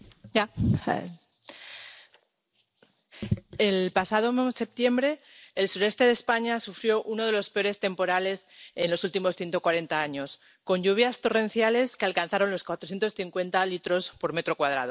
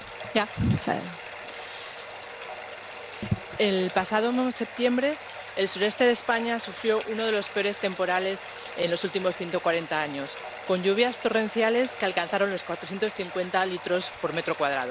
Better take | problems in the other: first | background sound (Bathtub (filling or washing)); 12 dB below the speech

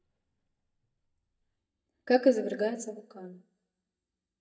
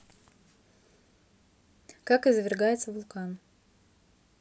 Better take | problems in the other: second | noise reduction (neural mask model DeepFilterNet 3)

